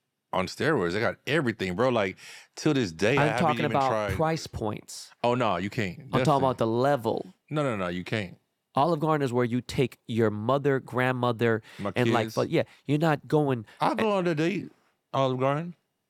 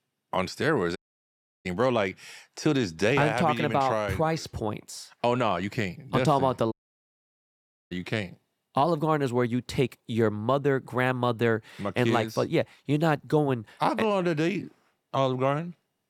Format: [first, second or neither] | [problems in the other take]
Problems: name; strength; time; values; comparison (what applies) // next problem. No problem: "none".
first | audio cutting out; at 1 s for 0.5 s and at 6.5 s for 1 s